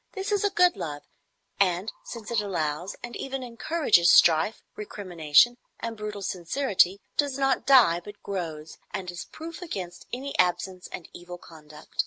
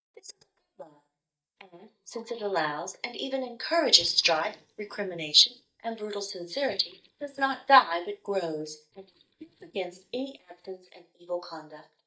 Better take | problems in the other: first | noise reduction (neural mask model DeepFilterNet 3)

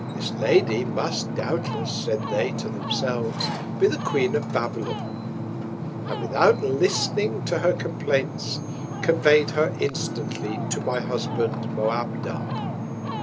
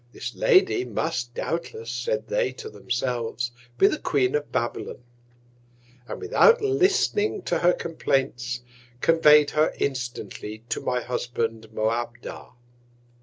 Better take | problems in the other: second | background sound (Ocean); 4 dB below the speech

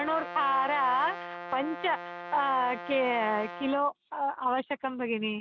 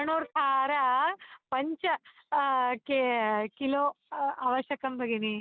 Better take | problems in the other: second | background sound (Brass instrument); 12 dB below the speech

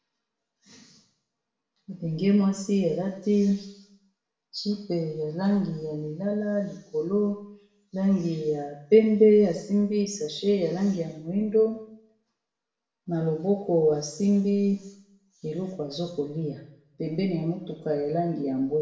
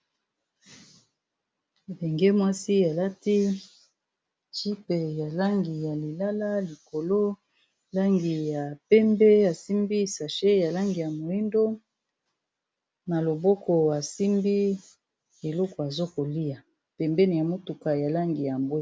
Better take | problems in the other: second | room echo; dies away in 0.6 s

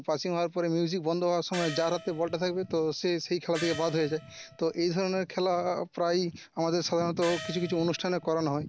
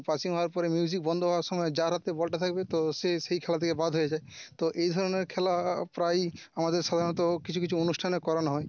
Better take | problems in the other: second | background sound (Gong); 14 dB below the speech

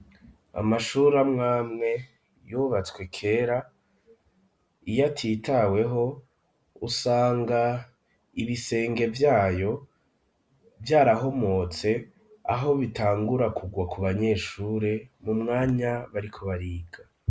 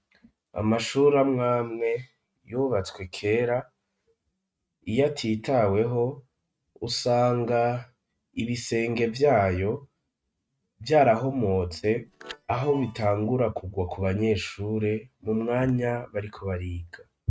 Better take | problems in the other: first | noise reduction (neural mask model RNNoise)

